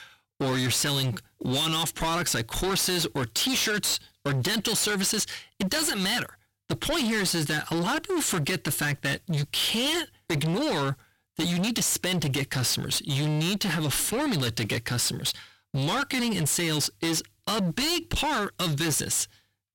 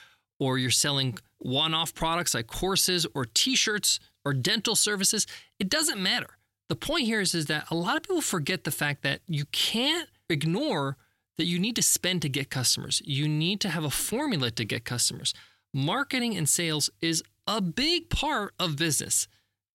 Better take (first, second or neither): second